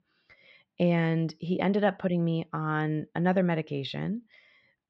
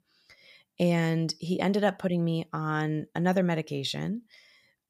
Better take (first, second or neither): second